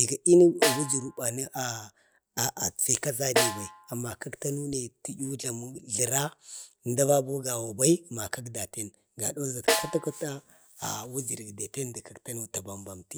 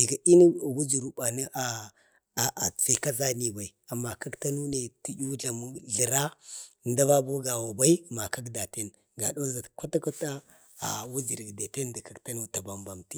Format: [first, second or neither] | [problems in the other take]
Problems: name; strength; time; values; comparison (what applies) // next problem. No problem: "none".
second | background sound (Snare drum); 4 dB below the speech